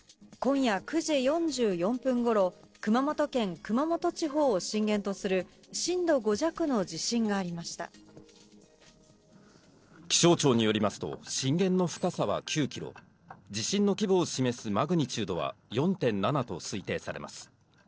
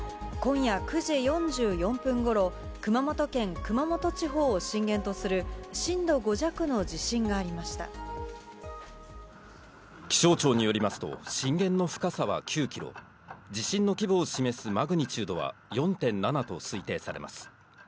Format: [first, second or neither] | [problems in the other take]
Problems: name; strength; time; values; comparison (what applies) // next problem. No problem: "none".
second | noise reduction (neural separator model SepFormer DNS4)